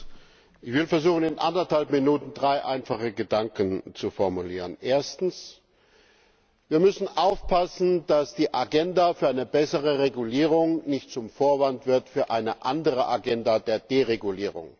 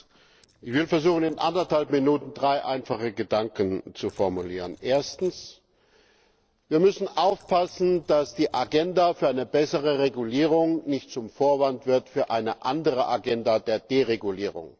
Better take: first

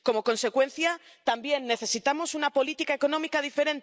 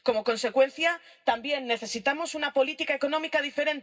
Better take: first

